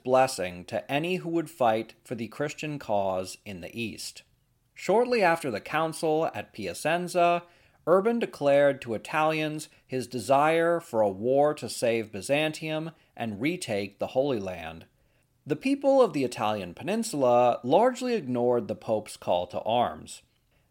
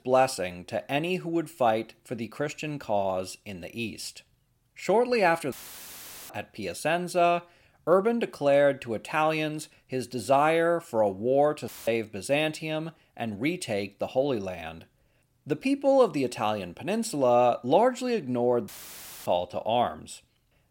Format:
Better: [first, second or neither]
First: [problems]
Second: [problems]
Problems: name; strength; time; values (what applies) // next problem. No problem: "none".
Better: first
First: none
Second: audio cutting out; filled with static; at 5.5 s for 1 s, at 12 s and at 19 s for 0.5 s